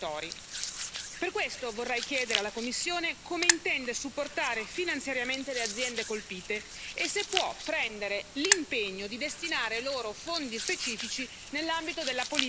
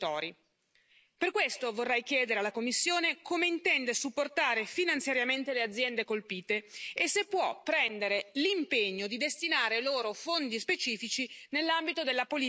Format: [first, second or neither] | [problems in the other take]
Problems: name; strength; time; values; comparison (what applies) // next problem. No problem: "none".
second | background sound (Hands); 3 dB below the speech